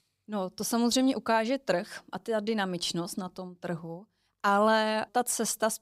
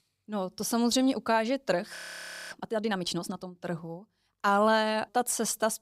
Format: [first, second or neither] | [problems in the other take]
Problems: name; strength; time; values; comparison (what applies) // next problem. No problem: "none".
first | audio freezing; at 2 s for 0.5 s